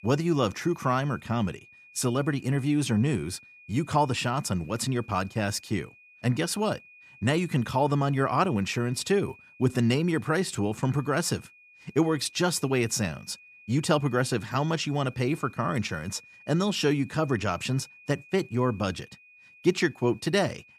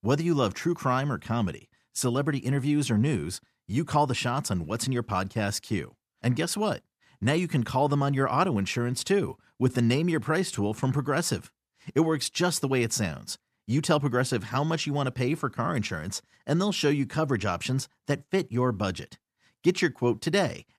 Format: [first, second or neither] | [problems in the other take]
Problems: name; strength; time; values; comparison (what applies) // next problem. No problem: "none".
second | high-pitched whine; faint; throughout; 2.5 kHz, 25 dB below the speech